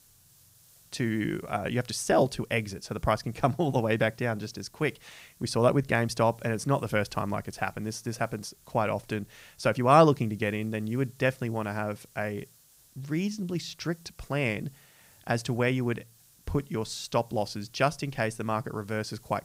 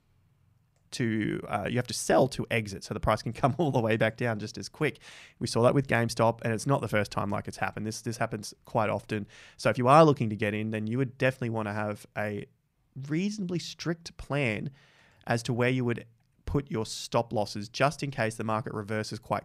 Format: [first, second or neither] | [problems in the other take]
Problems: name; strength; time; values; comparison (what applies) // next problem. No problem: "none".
second | hiss; faint; throughout; 30 dB below the speech